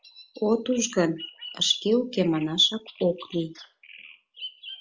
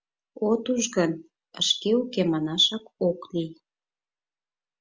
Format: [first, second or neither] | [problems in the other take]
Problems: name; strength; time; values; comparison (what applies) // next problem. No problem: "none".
second | background sound (Bird vocalization, bird call, bird song); 18 dB below the speech